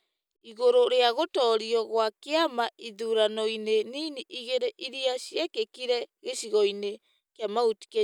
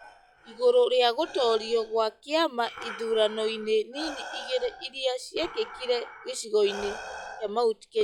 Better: first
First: none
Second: noise reduction (classical method log-MMSE)

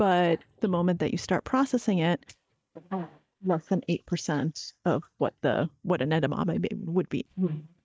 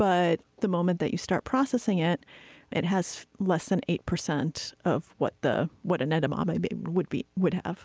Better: second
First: noise reduction (neural mask model DeepFilterNet 3)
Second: none

